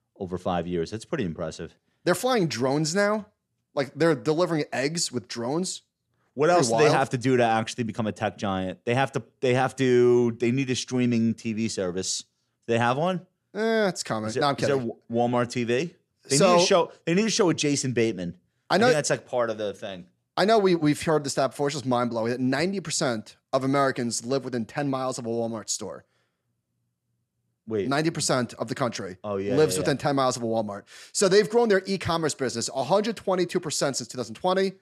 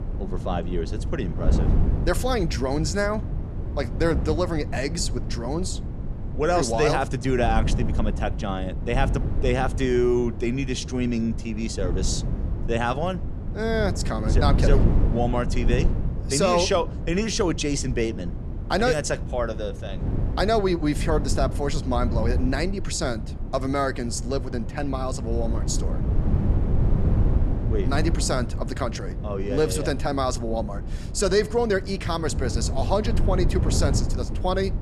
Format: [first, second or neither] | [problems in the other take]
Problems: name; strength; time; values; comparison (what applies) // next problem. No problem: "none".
first | wind noise on the microphone; occasional gusts; 10 dB below the speech